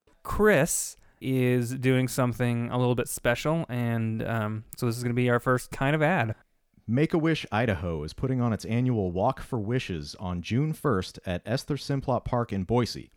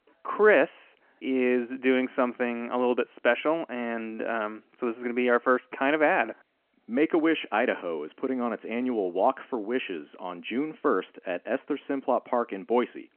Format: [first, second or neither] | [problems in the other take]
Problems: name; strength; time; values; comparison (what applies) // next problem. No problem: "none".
first | phone-call audio